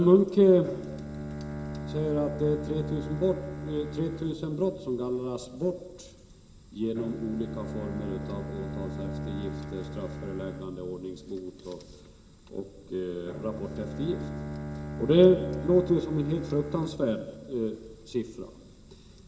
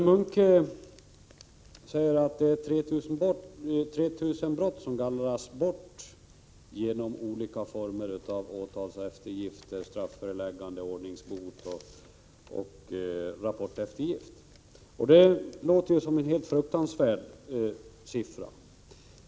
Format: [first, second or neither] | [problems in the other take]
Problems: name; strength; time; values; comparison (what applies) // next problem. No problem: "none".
second | background sound (Bowed string instrument); 10 dB below the speech // room echo; dies away in 1.3 s